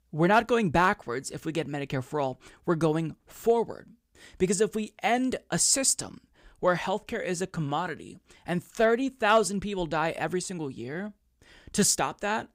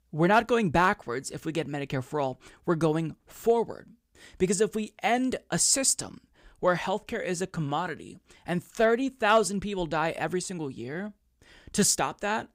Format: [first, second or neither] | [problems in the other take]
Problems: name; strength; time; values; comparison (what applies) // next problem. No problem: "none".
neither | none